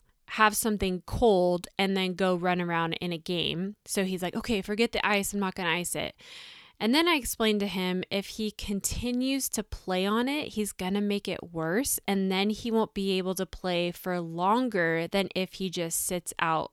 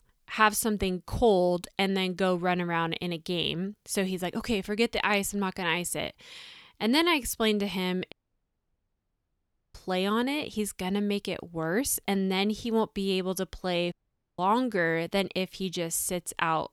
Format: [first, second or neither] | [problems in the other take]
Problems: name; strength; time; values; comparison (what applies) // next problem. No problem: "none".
first | audio cutting out; at 8 s for 1.5 s and at 14 s